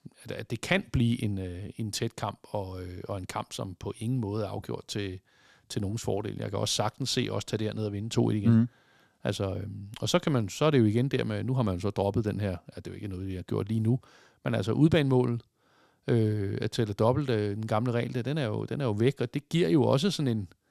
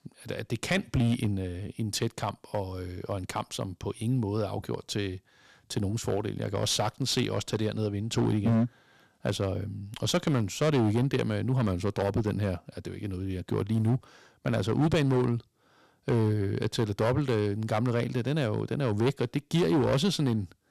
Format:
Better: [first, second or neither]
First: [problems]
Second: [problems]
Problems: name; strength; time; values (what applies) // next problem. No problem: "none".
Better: first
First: none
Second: distortion; slight; 6% of the sound clipped